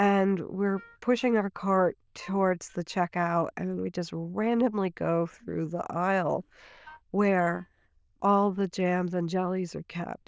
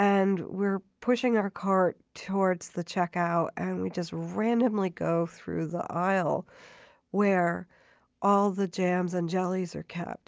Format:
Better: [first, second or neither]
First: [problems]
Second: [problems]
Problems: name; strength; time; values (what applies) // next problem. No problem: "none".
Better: second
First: noise reduction (neural diffusion model UNIVERSE++)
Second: none